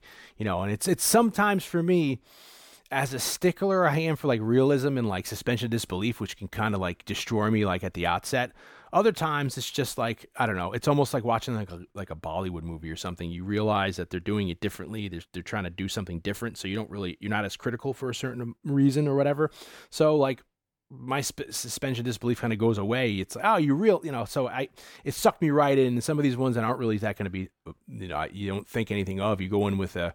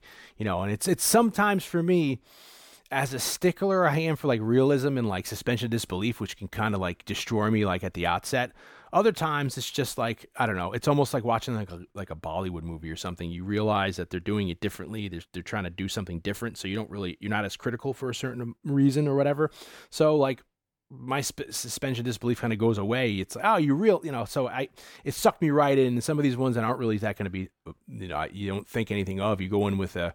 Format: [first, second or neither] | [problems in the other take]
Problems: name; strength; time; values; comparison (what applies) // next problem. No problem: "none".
neither | none